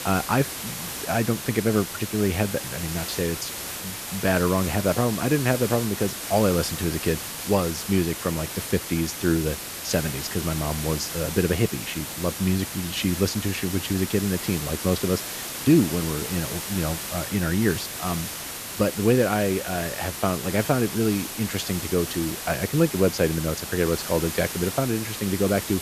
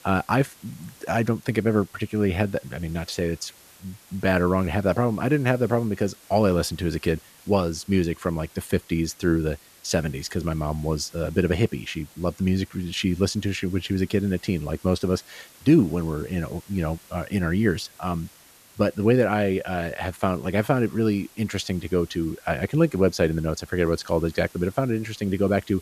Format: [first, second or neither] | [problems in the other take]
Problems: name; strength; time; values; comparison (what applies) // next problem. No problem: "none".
second | hiss; loud; throughout; 6 dB below the speech; faint in the second